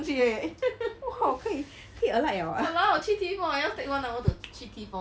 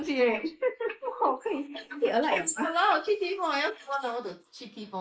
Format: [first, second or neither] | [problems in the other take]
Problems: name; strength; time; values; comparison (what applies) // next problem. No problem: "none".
first | noise reduction (neural mask model Resemble Enhance denoiser)